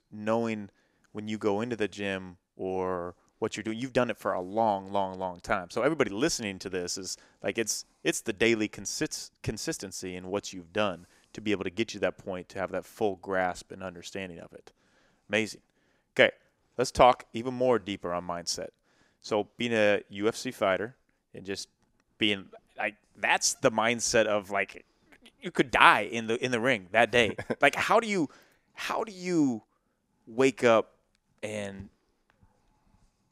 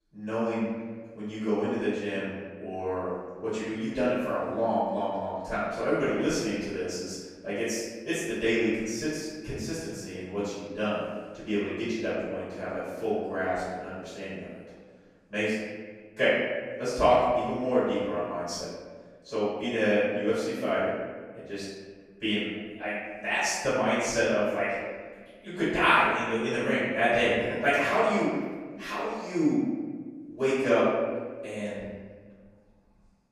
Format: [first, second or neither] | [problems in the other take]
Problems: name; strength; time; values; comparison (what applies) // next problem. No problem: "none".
first | room echo; strong; dies away in 1.5 s // off-mic speech; far